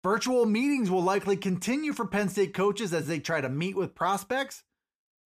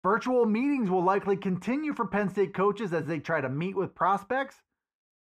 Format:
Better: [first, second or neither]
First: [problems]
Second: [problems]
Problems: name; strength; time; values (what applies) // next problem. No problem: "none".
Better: first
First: none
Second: muffled; very; fading above 3.5 kHz